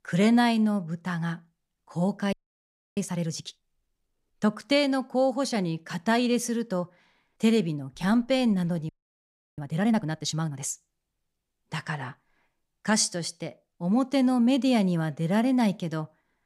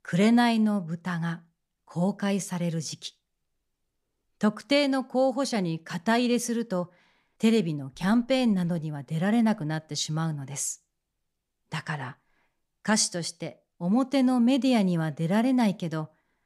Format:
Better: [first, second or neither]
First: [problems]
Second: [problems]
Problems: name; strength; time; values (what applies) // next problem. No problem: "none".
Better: second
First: audio freezing; at 2.5 s for 0.5 s and at 9 s for 0.5 s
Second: none